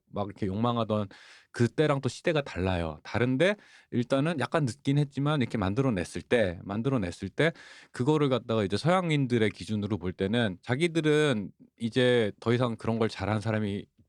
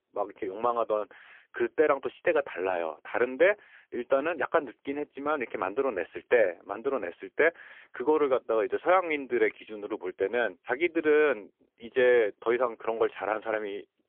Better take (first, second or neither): first